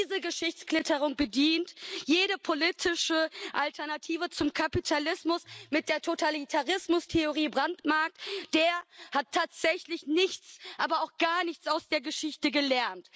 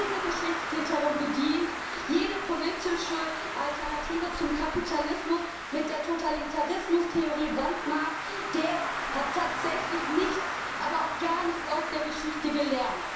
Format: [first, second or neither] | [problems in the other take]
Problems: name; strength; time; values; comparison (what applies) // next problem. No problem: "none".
first | background sound (Traffic noise, roadway noise); 4 dB below the speech // room echo; dies away in 0.7 s